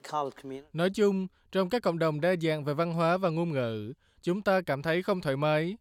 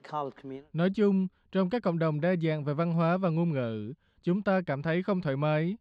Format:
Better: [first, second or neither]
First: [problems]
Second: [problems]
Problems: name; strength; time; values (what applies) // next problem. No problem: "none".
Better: first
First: none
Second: muffled; very slightly; fading above 3.5 kHz